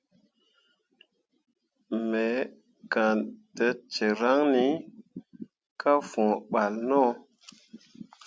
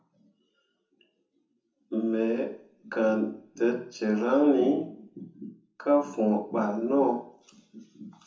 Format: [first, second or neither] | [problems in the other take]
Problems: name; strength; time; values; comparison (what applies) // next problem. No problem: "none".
first | room echo; dies away in 0.7 s